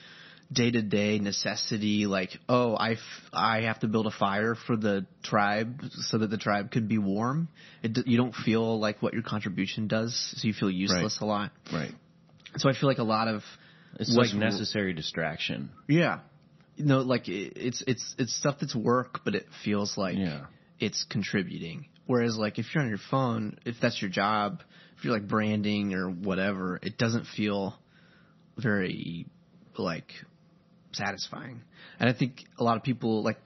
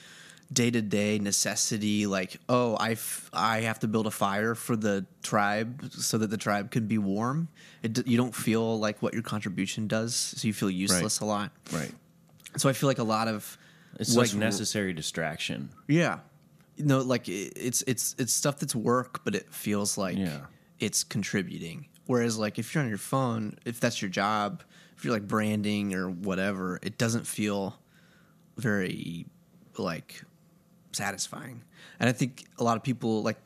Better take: second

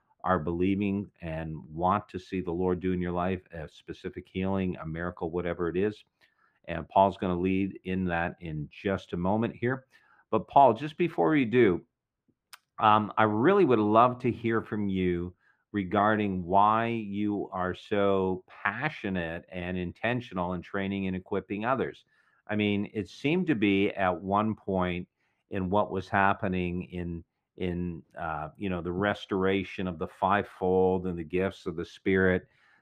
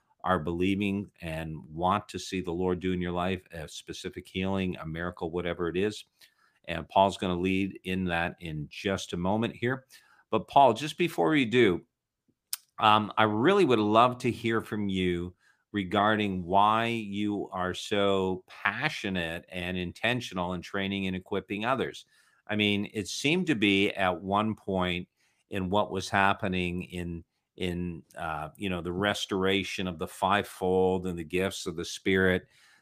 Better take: second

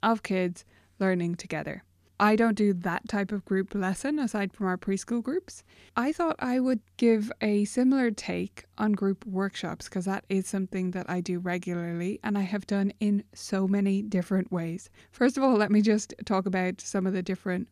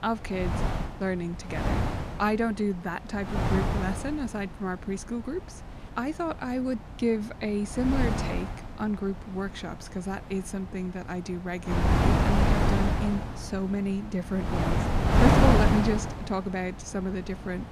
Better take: first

